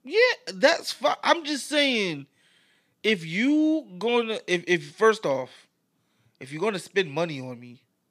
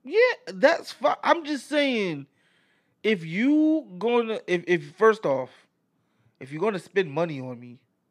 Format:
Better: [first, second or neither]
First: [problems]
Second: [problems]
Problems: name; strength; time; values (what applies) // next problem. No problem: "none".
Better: first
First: none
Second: muffled; slightly; fading above 2.5 kHz